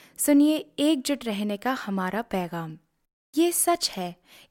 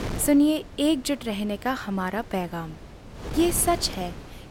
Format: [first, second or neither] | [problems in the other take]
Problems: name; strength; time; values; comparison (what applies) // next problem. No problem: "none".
first | wind noise on the microphone; occasional gusts; 15 dB below the speech